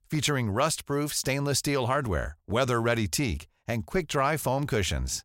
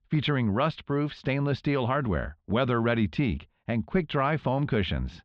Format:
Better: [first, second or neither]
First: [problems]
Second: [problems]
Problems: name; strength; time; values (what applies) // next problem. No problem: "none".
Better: first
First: none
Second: muffled; very; fading above 3.5 kHz